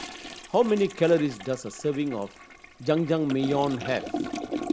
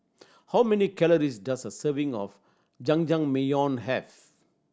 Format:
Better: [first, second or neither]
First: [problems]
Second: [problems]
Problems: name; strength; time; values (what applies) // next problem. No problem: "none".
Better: second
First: background sound (Toilet flush); 9 dB below the speech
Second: none